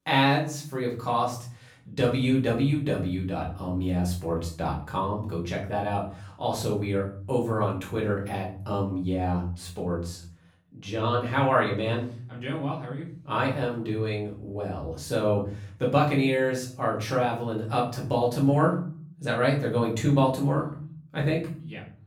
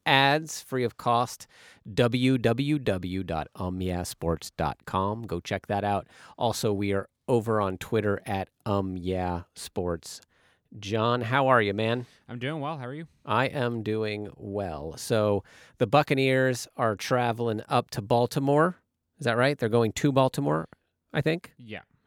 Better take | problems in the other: second | off-mic speech; far // room echo; slight; dies away in 0.6 s

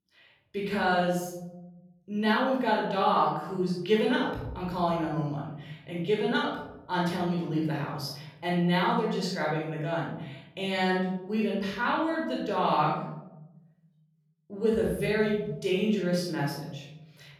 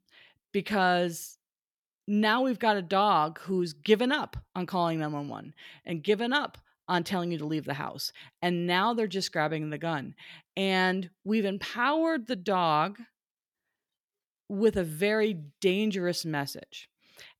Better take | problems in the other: second | off-mic speech; far // room echo; noticeable; dies away in 1.2 s

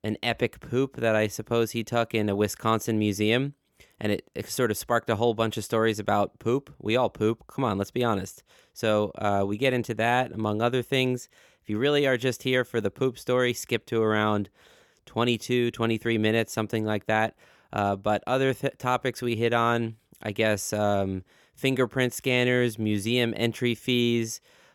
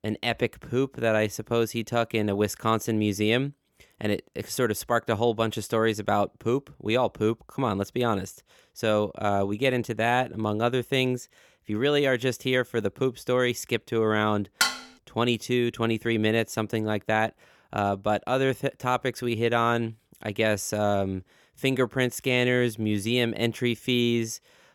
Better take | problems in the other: first | clattering dishes; loud; at 15 s; peak 1 dB above the speech

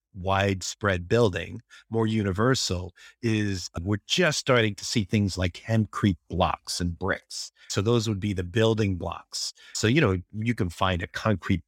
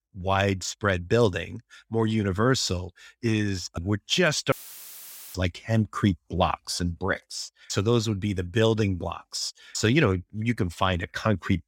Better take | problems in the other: first | audio cutting out; filled with static; at 4.5 s for 1 s

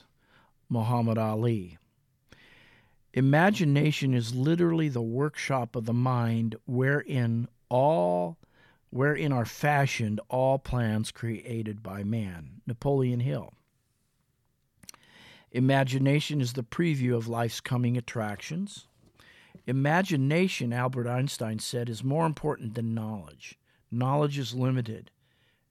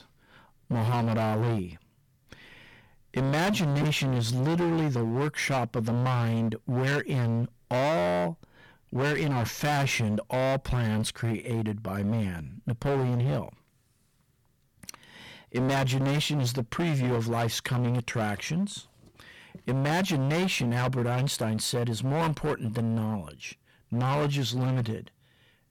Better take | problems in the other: first | distortion; heavy; 23% of the sound clipped

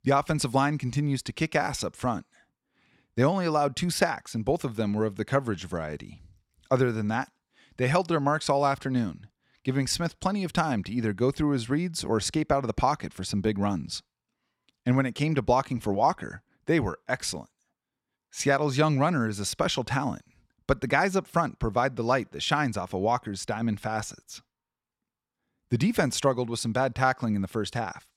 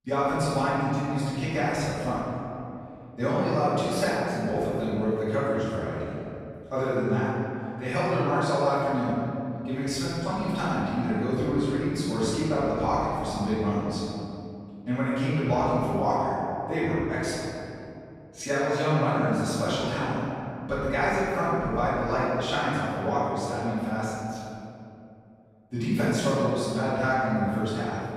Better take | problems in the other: first | off-mic speech; far // room echo; strong; dies away in 2.5 s

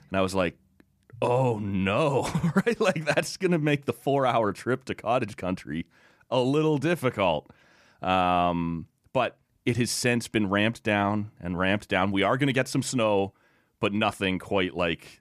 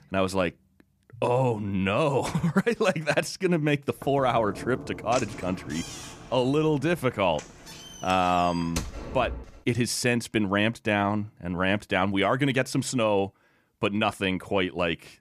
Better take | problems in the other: first | door banging; noticeable; from 4 to 9.5 s; peak 9 dB below the speech

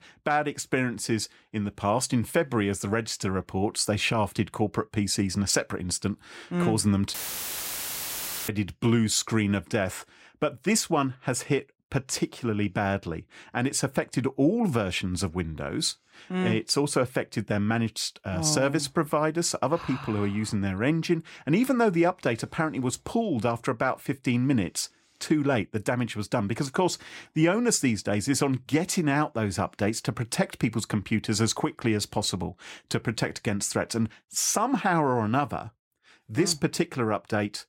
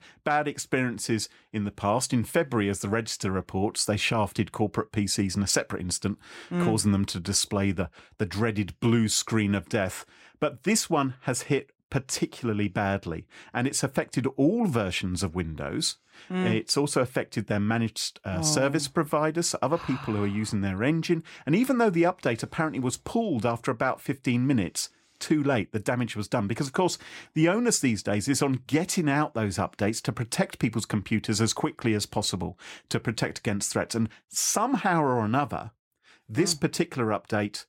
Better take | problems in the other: second | audio cutting out; filled with static; at 7 s for 1.5 s

